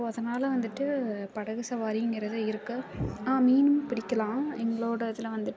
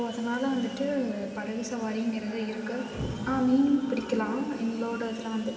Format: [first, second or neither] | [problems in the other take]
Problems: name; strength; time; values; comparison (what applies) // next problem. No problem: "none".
first | background sound (Sawing); 20 dB below the speech // room echo; dies away in 2.7 s